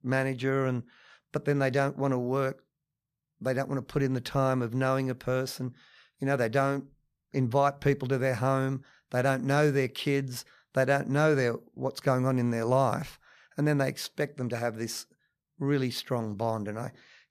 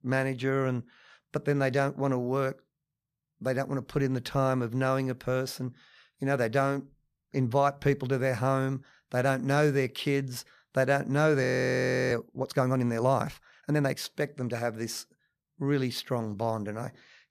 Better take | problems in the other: first | audio freezing; at 11 s for 0.5 s

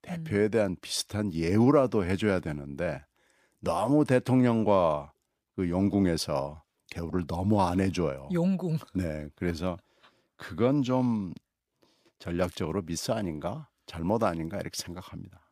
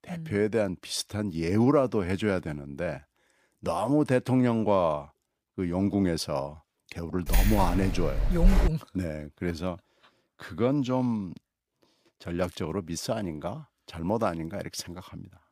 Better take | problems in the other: first | jangling keys; loud; from 7.5 to 8.5 s; peak 3 dB above the speech

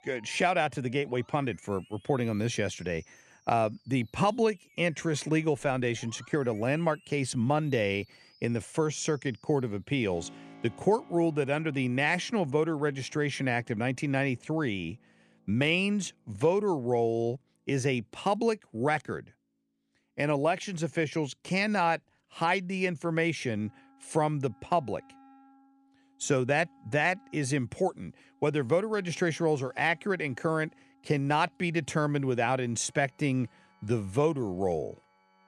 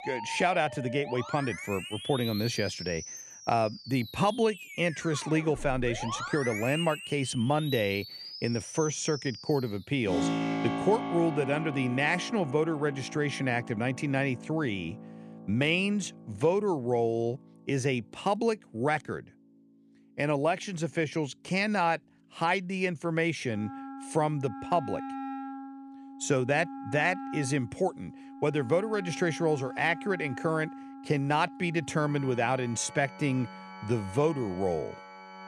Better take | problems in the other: first | background music; loud; throughout; 10 dB below the speech; faint in the first

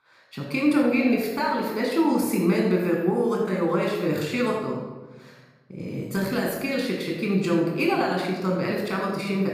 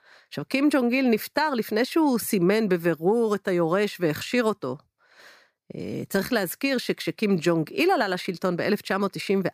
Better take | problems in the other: second | off-mic speech; somewhat distant // room echo; noticeable; dies away in 1.1 s

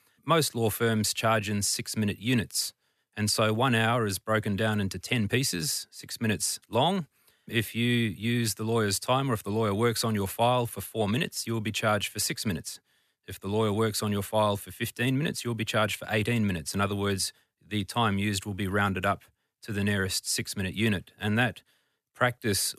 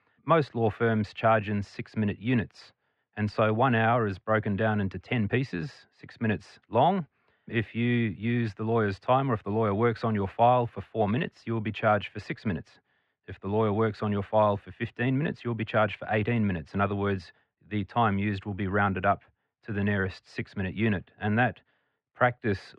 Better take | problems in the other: first | muffled; very; fading above 2.5 kHz

